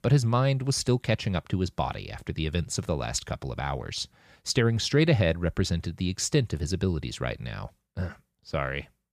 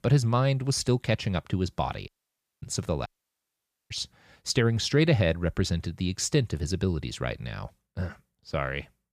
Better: first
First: none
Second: audio cutting out; at 2 s for 0.5 s and at 3 s for 1 s

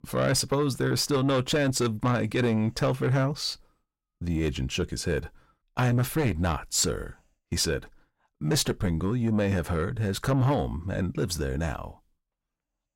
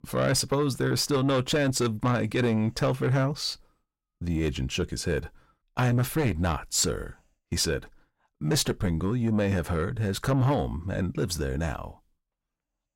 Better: neither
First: distortion; slight; 10 dB below the speech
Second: distortion; slight; 10 dB below the speech

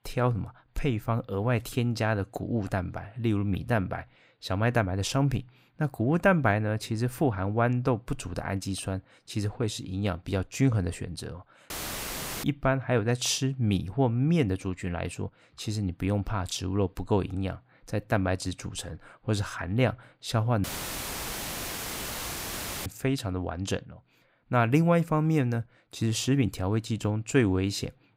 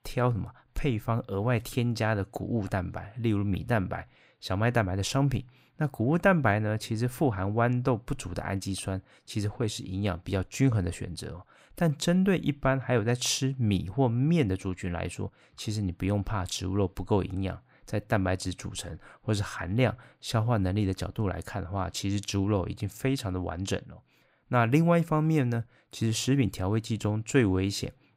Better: second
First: audio cutting out; filled with static; at 12 s for 0.5 s and at 21 s for 2 s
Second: none

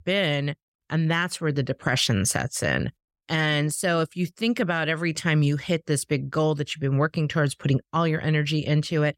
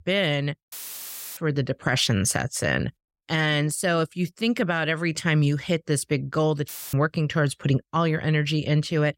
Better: first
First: none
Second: audio cutting out; filled with static; at 0.5 s for 0.5 s and at 6.5 s

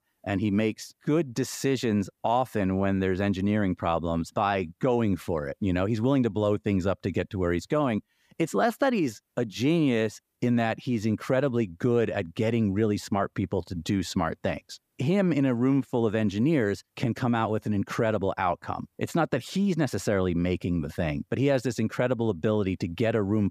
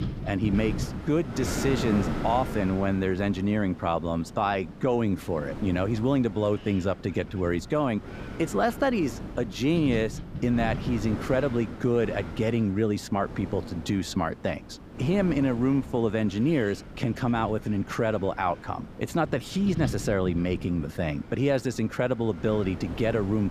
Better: first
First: none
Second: wind noise on the microphone; occasional gusts; 15 dB below the speech

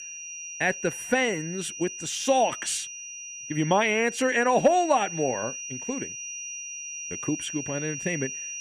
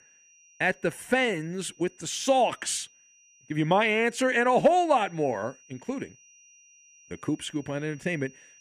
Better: second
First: high-pitched whine; loud; throughout; 6 kHz, 8 dB below the speech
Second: high-pitched whine; faint; throughout; 6 kHz, 30 dB below the speech

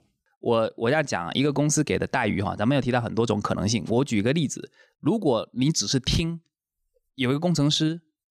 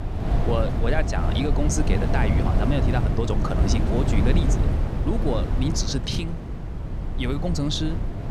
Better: first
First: none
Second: wind noise on the microphone; heavy; 4 dB below the speech

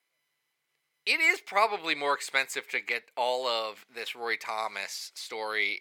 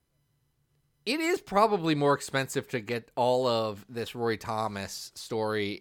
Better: second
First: thin; very; fading below 600 Hz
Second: none

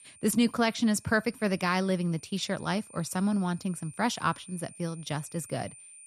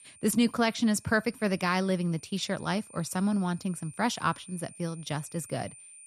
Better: neither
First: high-pitched whine; faint; throughout; 9 kHz, 20 dB below the speech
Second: high-pitched whine; faint; throughout; 9 kHz, 20 dB below the speech

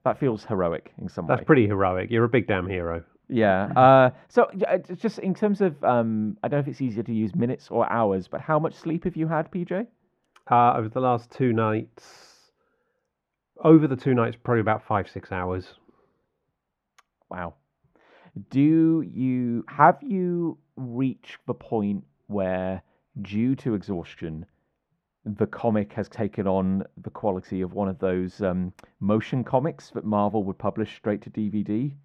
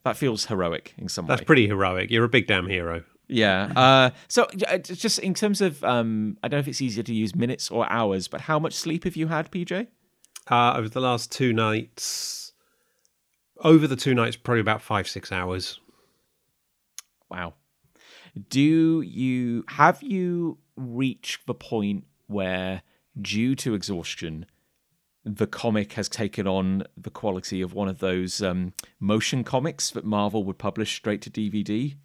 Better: second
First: muffled; very; fading above 3 kHz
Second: none

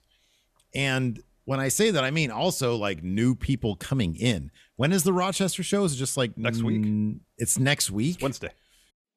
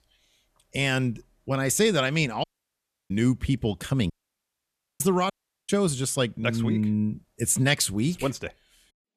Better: first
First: none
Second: audio cutting out; at 2.5 s for 0.5 s, at 4 s for 1 s and at 5.5 s

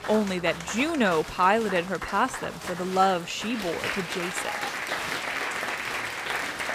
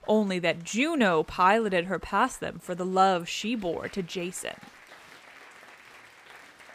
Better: second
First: crowd noise; loud; throughout; 5 dB below the speech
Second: crowd noise; faint; throughout; 25 dB below the speech

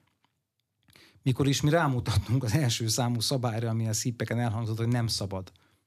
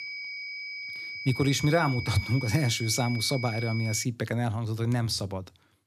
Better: first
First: none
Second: high-pitched whine; loud; until 4 s; 2.5 kHz, 8 dB below the speech

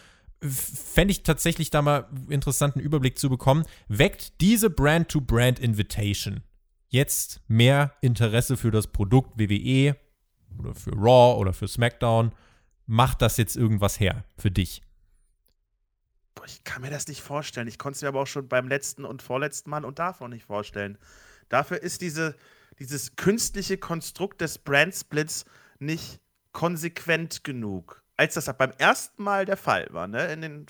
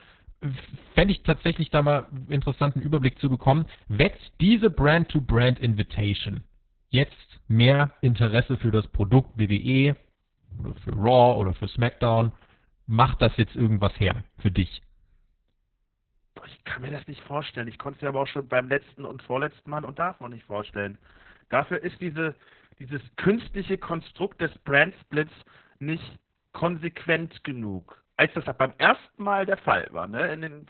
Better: first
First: none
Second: garbled, watery; badly; nothing above 4 kHz

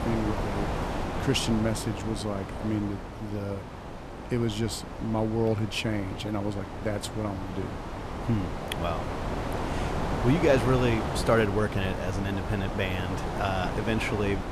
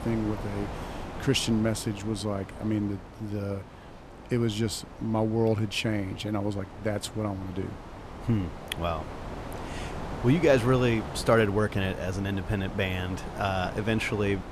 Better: second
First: wind noise on the microphone; heavy; 4 dB below the speech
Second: wind noise on the microphone; occasional gusts; 10 dB below the speech

